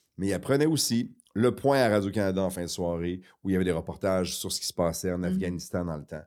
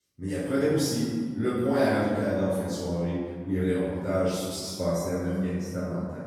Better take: first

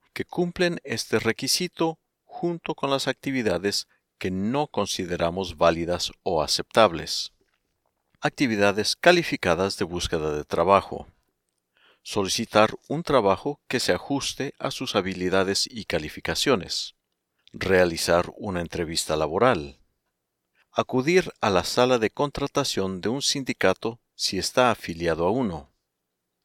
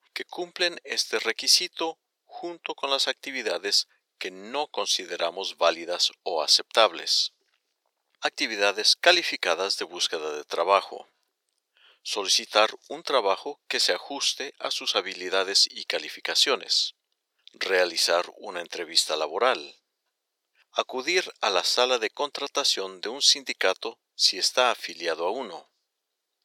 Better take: first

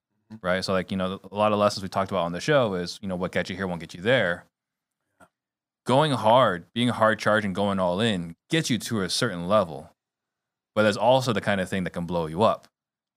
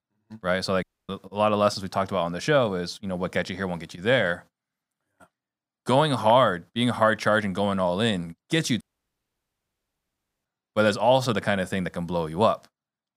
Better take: first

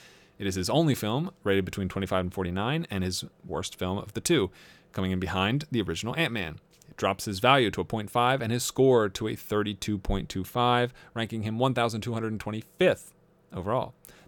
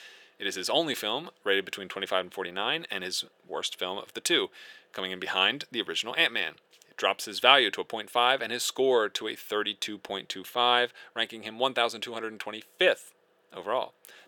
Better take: first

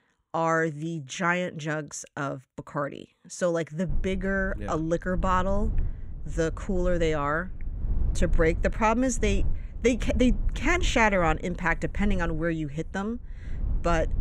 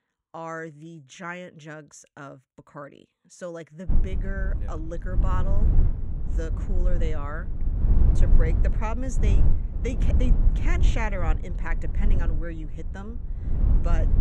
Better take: first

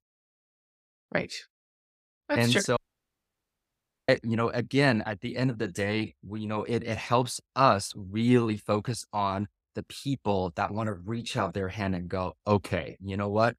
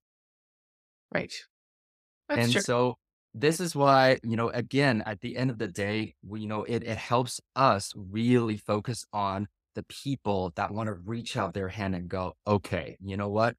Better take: second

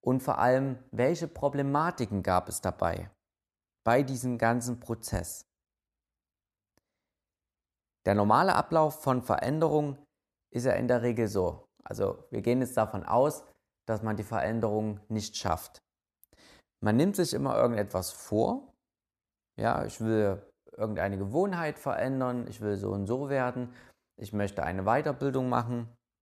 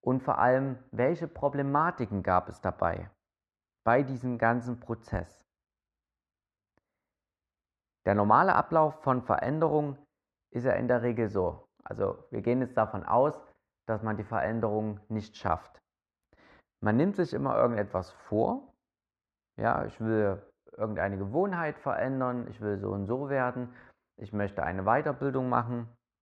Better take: first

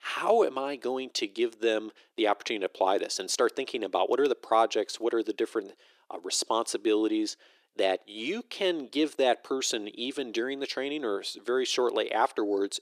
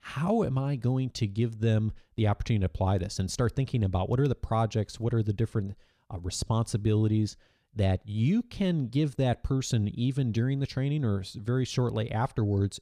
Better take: second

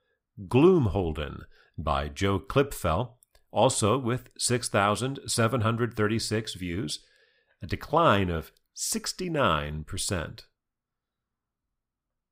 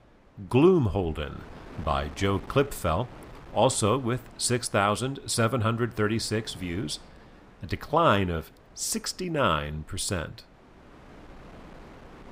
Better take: first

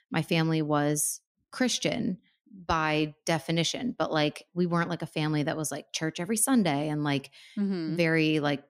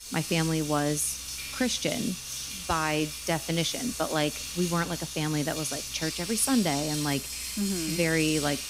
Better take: first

